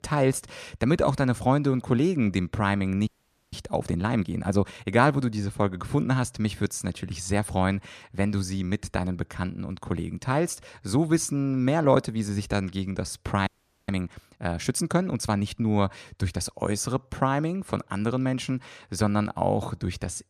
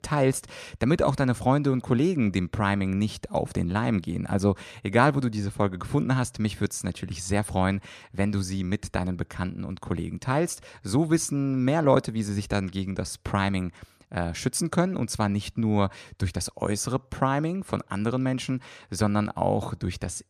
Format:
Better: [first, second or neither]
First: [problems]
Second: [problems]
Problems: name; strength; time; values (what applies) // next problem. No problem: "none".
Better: second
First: audio freezing; at 3 s and at 13 s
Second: none